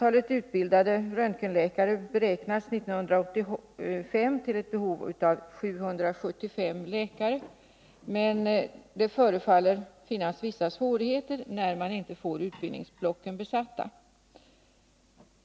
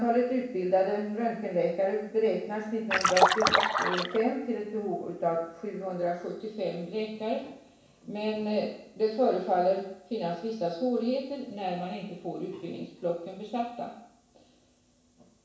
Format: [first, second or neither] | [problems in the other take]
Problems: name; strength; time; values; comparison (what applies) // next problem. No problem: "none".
first | background sound (Splash, splatter); 5 dB above the speech // room echo; dies away in 0.7 s